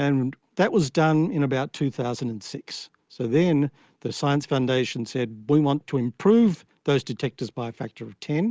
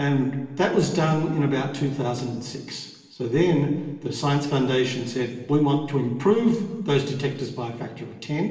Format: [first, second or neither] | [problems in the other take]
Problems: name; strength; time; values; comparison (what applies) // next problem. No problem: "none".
first | room echo; dies away in 1.2 s